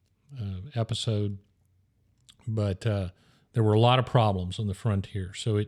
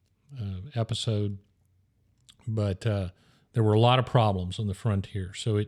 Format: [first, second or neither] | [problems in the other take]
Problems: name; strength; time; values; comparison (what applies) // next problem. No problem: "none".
neither | none